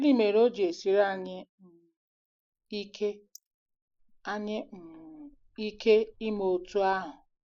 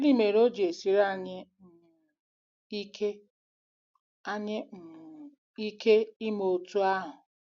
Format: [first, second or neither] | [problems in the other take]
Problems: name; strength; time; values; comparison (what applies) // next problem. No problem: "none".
second | noise reduction (neural mask model Resemble Enhance denoiser)